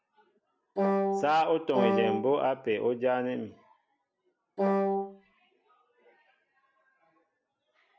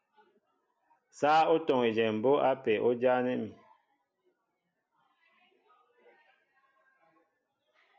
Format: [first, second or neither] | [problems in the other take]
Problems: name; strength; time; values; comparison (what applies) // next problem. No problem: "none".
second | background sound (Wind instrument, woodwind instrument); 4 dB above the speech